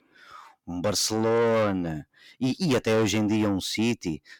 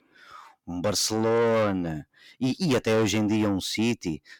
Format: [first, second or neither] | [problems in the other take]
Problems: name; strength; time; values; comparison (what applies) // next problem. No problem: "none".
neither | distortion; heavy; 7 dB below the speech; the same in both